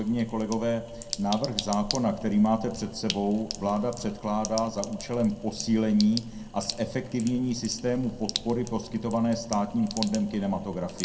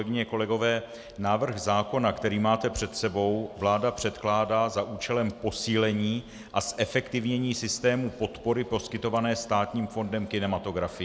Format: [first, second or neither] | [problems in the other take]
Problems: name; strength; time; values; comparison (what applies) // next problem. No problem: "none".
second | background sound (Sink (filling or washing)); 11 dB below the speech // room echo; dies away in 0.2 s